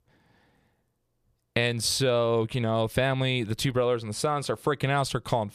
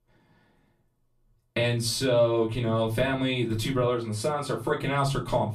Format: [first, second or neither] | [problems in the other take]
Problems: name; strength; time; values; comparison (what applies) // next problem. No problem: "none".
first | off-mic speech; far // room echo; very slight; dies away in 0.3 s